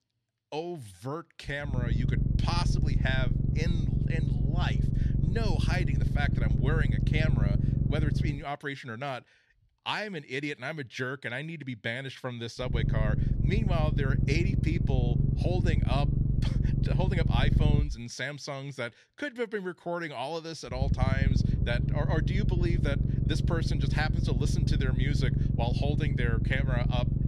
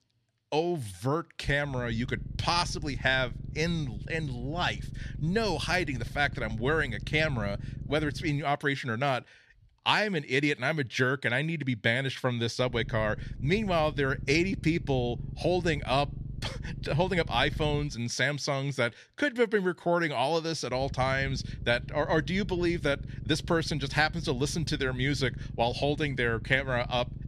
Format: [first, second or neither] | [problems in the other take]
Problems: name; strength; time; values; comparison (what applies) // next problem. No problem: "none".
second | low rumble; loud; from 1.5 to 8.5 s, from 13 to 18 s and from 21 s on; 4 dB below the speech; faint in the second